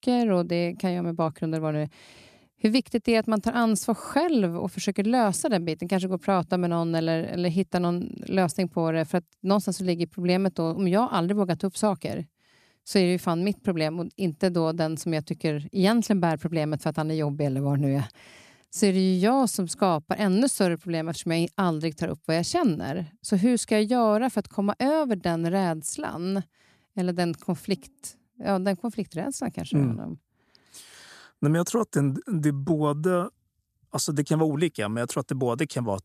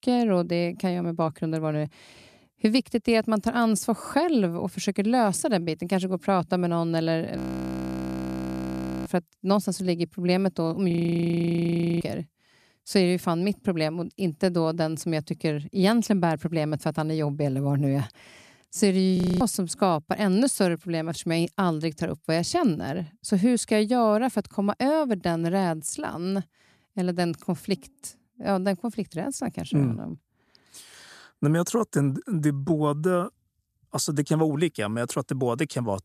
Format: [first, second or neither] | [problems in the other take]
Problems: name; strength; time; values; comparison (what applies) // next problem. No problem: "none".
first | audio freezing; at 7.5 s for 1.5 s, at 11 s for 1 s and at 19 s